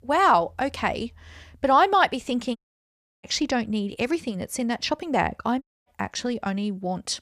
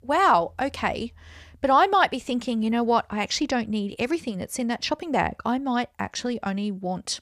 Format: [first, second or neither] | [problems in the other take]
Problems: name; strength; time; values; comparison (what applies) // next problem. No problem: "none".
second | audio cutting out; at 2.5 s for 0.5 s and at 5.5 s